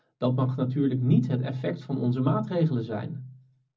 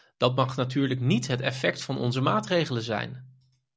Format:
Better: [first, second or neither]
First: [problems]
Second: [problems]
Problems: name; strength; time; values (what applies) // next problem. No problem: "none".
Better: second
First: room echo; dies away in 0.4 s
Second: none